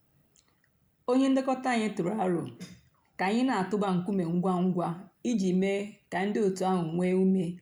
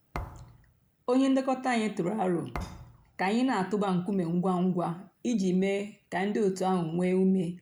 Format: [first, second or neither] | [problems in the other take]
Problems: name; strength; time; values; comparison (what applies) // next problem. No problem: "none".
first | background sound (Thump, thud); 14 dB below the speech